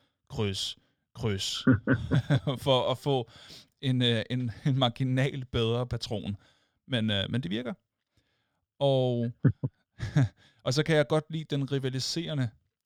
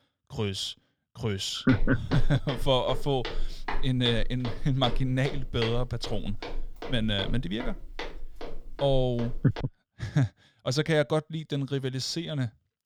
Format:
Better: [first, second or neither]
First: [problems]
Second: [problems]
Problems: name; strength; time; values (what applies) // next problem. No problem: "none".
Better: first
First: none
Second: footsteps; noticeable; from 1.5 to 9.5 s; peak 7 dB below the speech